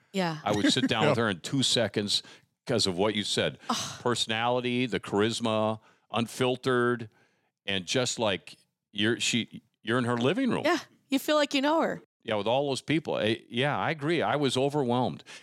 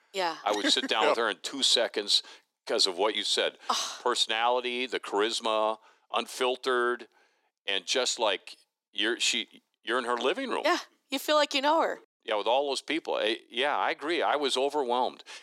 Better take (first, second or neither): first